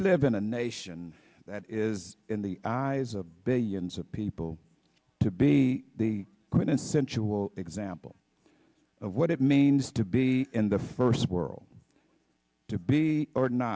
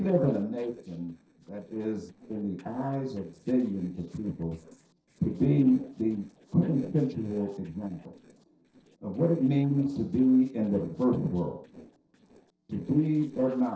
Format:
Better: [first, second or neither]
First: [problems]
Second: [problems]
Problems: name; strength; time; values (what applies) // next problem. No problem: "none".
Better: first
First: none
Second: noise reduction (neural separator model SepFormer DNS4)